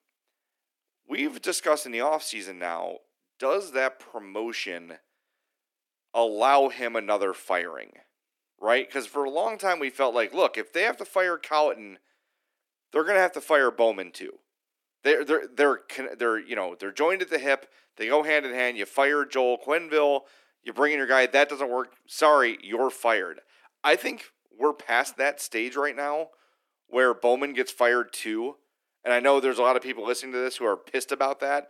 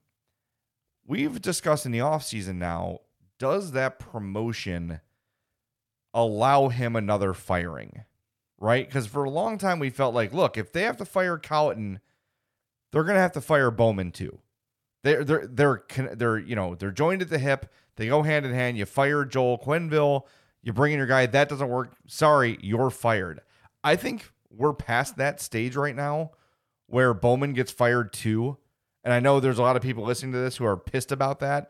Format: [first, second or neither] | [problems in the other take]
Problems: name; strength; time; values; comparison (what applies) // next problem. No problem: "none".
second | thin; somewhat; fading below 300 Hz